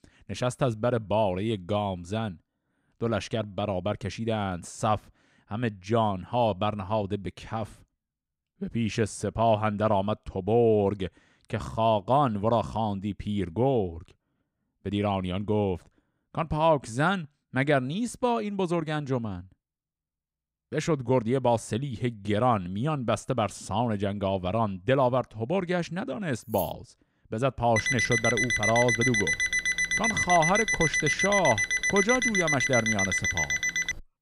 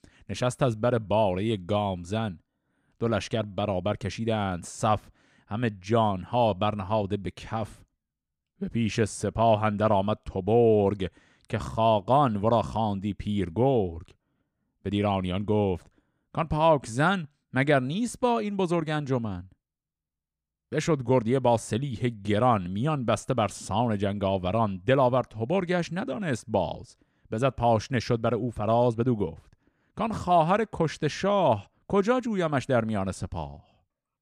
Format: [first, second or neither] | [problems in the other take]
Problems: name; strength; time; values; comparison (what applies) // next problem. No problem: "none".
second | jangling keys; faint; at 27 s; peak 10 dB below the speech // alarm; loud; from 28 s on; peak 3 dB above the speech